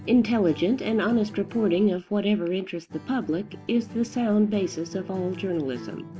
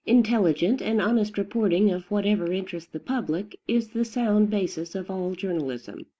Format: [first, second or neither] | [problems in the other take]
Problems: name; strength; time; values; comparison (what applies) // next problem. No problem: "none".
second | background sound (Acoustic guitar); 17 dB below the speech